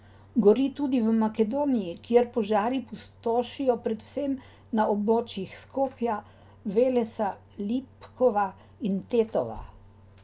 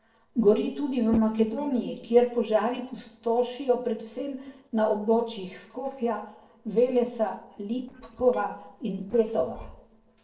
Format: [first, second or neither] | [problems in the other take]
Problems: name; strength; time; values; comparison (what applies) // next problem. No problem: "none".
first | noise reduction (neural separator model SepFormer DNS4)